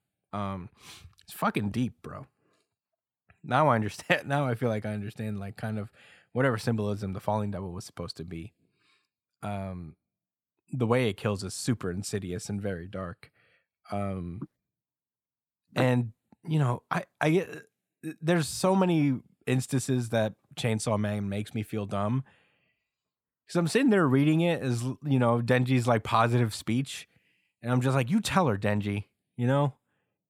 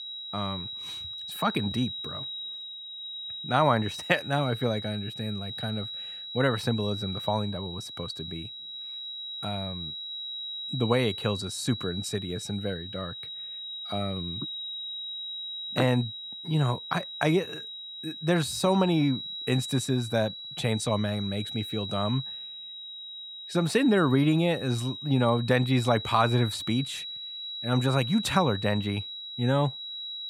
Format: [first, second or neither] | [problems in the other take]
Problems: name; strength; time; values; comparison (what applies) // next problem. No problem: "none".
first | high-pitched whine; loud; throughout; 4 kHz, 8 dB below the speech